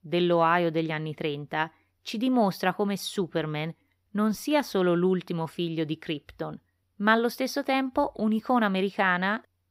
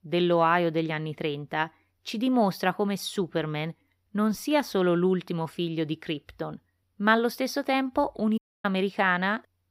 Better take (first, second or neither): first